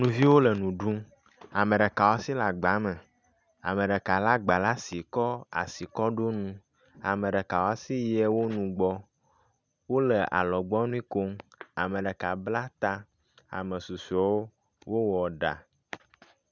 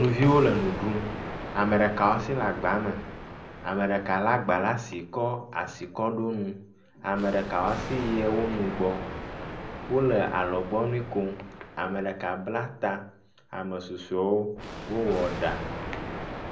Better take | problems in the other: first | background sound (Thunder); 10 dB below the speech // room echo; dies away in 0.5 s

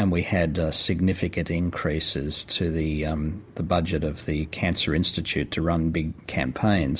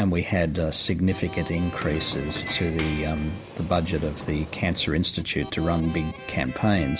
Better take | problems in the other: first | background sound (Harmonica + Sliding door); 12 dB below the speech

